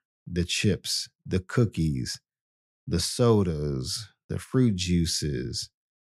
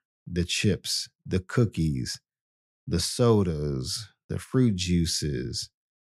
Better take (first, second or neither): neither